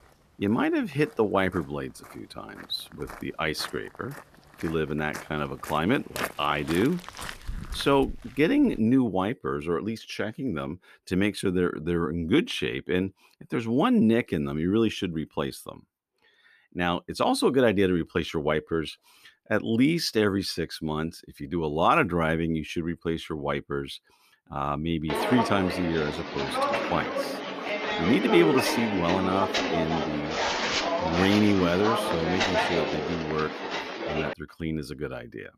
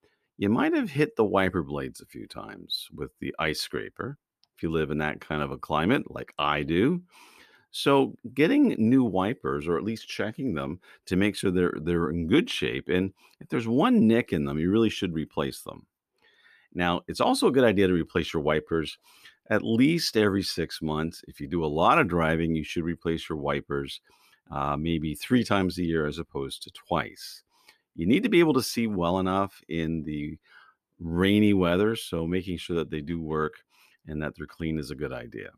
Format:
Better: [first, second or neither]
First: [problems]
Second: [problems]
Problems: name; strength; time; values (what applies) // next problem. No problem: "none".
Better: second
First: footsteps; noticeable; from 1.5 to 9 s; peak 6 dB below the speech // footsteps; loud; from 25 to 34 s; peak 2 dB above the speech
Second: none